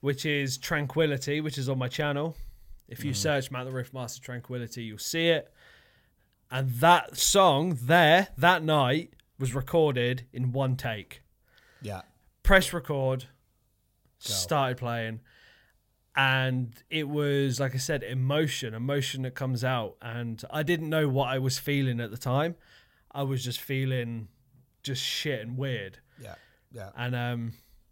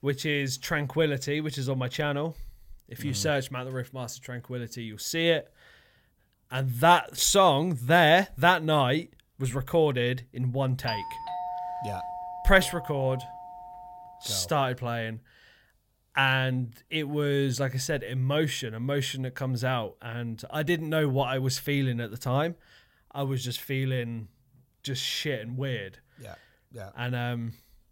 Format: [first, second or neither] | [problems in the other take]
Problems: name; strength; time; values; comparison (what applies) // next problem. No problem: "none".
first | doorbell; noticeable; from 11 to 14 s; peak 7 dB below the speech